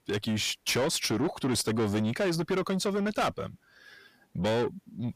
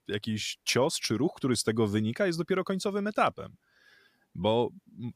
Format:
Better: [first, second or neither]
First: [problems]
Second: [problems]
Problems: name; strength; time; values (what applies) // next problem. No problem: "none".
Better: second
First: distortion; heavy; 7 dB below the speech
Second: none